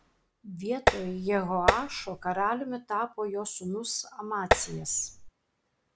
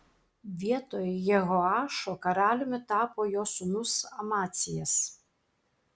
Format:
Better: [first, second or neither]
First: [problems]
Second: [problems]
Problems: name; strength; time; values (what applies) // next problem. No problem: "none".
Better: second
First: background sound (Tap); 3 dB above the speech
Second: none